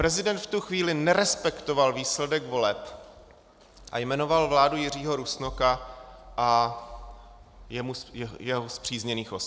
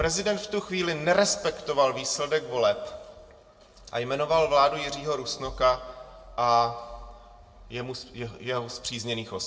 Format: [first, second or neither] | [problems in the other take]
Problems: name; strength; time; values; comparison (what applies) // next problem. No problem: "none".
first | room echo; dies away in 0.9 s